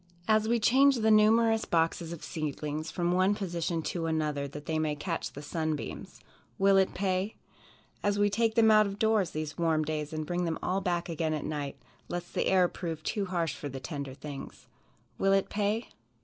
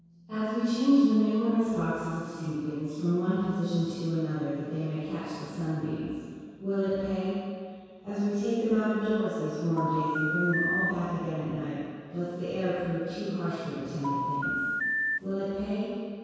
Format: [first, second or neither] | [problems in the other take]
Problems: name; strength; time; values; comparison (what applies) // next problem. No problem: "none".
first | background sound (Telephone); 1 dB below the speech // room echo; dies away in 2 s